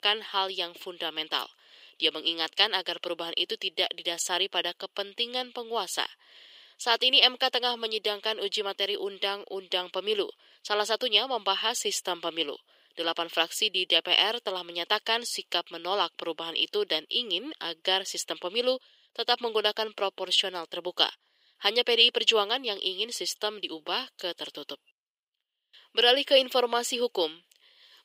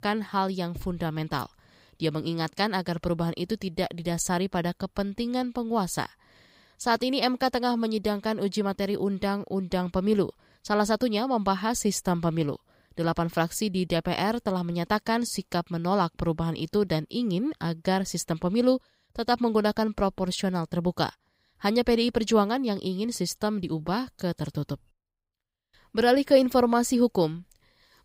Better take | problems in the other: second | thin; very; fading below 400 Hz

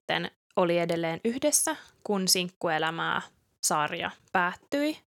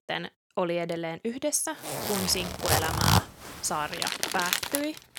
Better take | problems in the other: first | household noises; very loud; from 2 s on; 3 dB above the speech

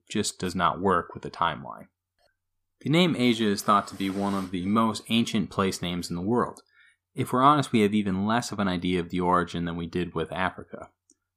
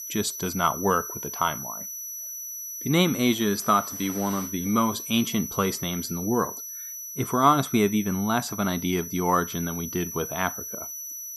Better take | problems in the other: first | high-pitched whine; loud; throughout; 6 kHz, 8 dB below the speech

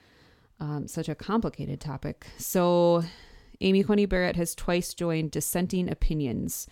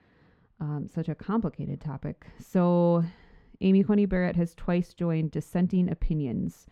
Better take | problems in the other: first | muffled; very; fading above 4 kHz

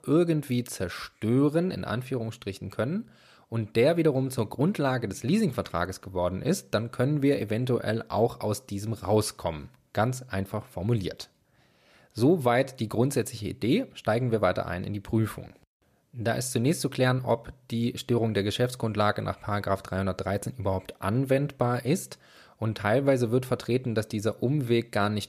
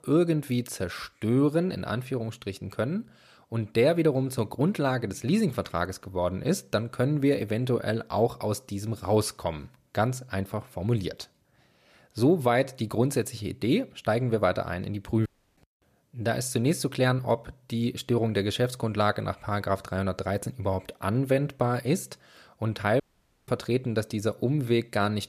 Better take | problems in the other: first | audio cutting out; at 15 s and at 23 s

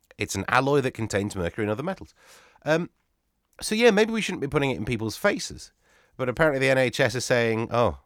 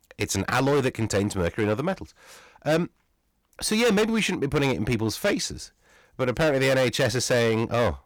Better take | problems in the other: first | distortion; heavy; 10% of the sound clipped

